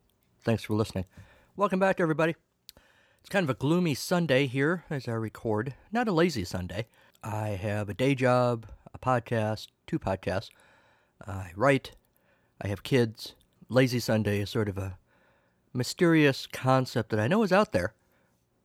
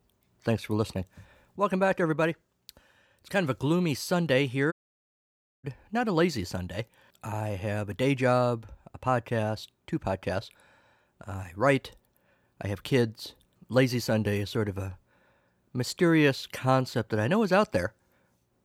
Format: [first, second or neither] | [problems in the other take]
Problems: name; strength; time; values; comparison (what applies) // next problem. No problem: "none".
first | audio cutting out; at 4.5 s for 1 s